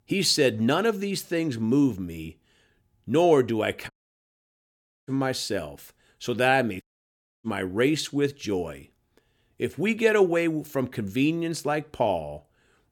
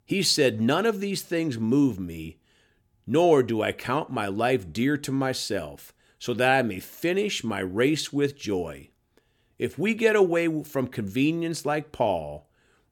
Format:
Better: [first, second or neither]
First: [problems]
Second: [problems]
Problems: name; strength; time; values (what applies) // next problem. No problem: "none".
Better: second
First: audio cutting out; at 4 s for 1 s and at 7 s for 0.5 s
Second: none